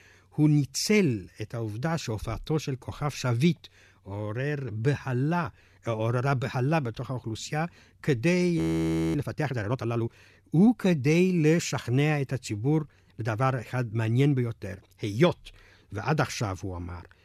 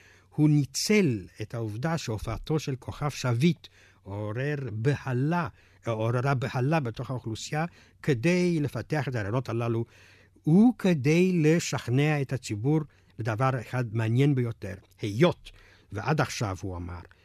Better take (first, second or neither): second